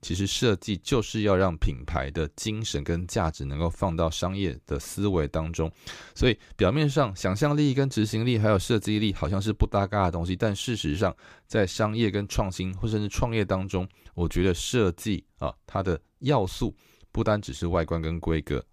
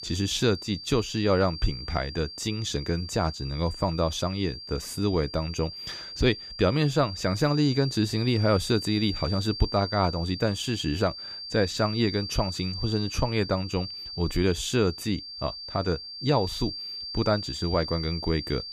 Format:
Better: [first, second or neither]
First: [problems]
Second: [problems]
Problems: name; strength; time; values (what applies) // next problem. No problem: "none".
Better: first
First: none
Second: high-pitched whine; loud; throughout; 4.5 kHz, 8 dB below the speech